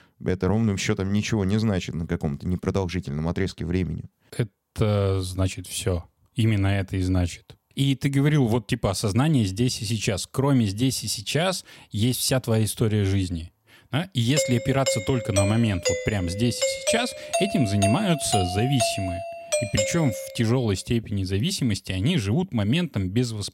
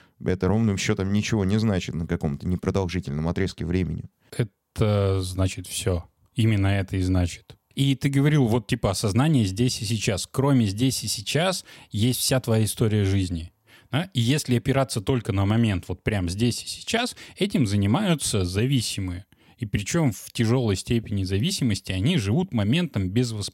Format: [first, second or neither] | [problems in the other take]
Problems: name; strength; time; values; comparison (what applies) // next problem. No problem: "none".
second | doorbell; loud; from 14 to 20 s; peak level with the speech